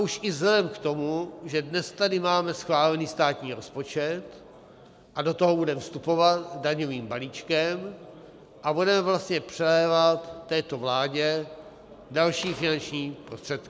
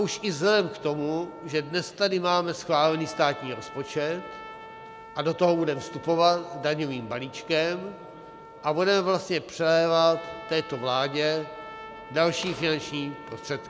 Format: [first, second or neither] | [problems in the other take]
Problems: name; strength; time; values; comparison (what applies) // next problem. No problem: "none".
first | background sound (Trumpet); 18 dB below the speech